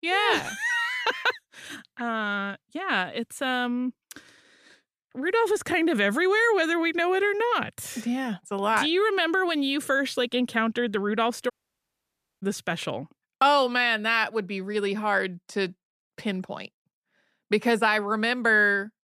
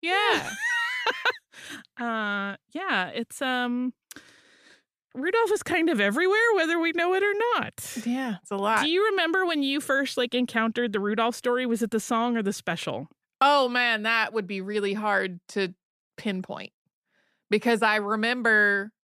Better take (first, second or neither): second